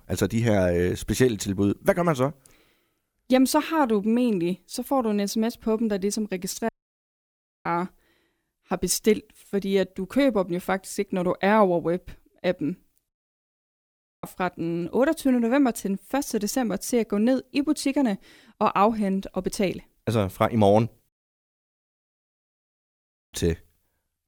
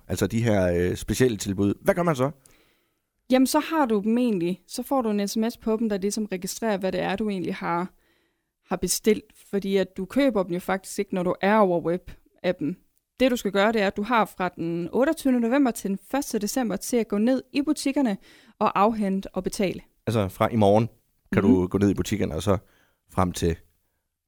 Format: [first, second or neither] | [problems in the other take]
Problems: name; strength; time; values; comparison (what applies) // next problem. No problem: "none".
second | audio cutting out; at 6.5 s for 1 s, at 13 s for 1 s and at 21 s for 2 s